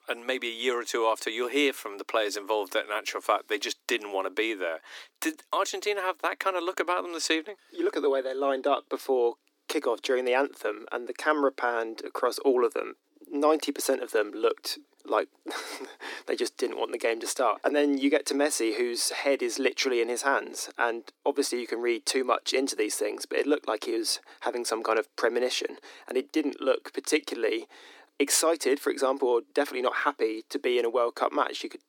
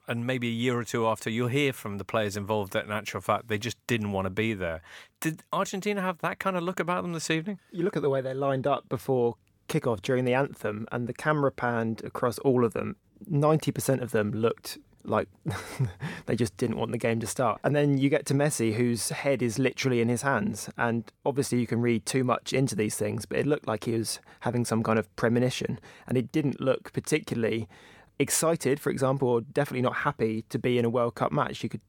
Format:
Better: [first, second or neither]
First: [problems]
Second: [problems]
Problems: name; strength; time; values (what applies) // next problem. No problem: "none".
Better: second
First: thin; somewhat; fading below 300 Hz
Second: none